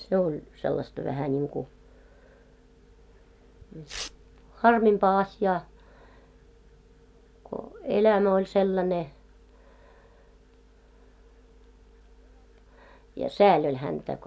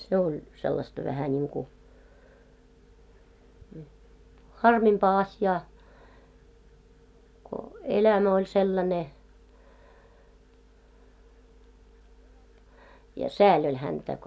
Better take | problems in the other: second | background sound (Tearing); 16 dB below the speech

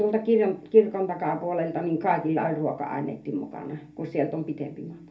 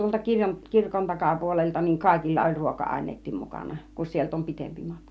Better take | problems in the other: second | room echo; dies away in 0.3 s

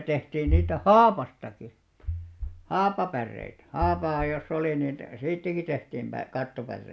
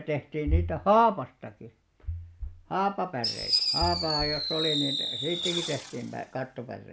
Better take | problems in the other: first | background sound (Fireworks); 2 dB below the speech

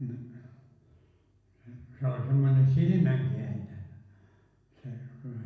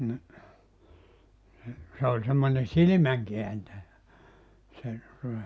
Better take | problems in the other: second | room echo; dies away in 0.9 s

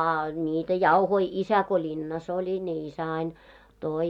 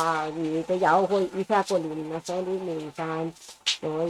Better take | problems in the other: first | noise reduction (neural mask model RNNoise)

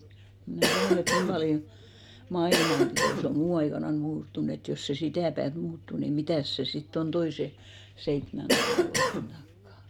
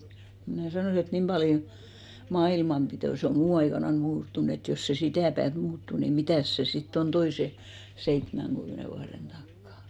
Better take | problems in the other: second | background sound (Cough); 3 dB above the speech

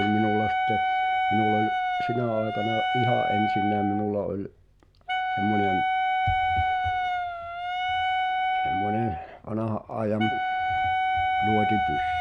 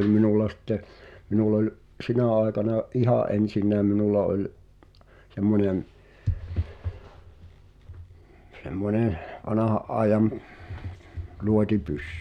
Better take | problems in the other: second | background sound (Wind instrument, woodwind instrument); 4 dB above the speech

